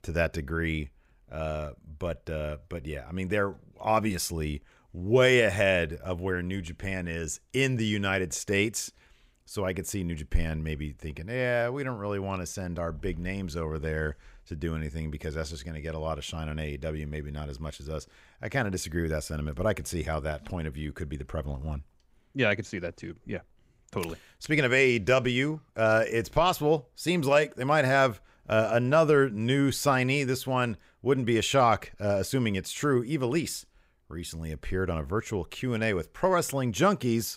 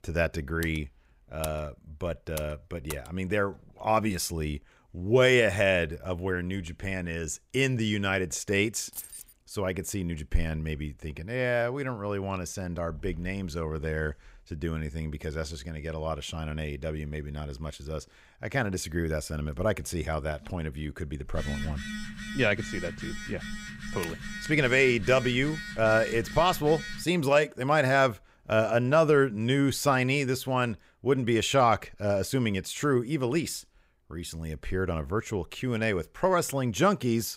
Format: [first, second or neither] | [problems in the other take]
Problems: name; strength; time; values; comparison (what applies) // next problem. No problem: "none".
first | keyboard typing; faint; from 0.5 to 3 s; peak 15 dB below the speech // jangling keys; faint; at 9 s; peak 10 dB below the speech // phone ringing; noticeable; from 21 to 27 s; peak 8 dB below the speech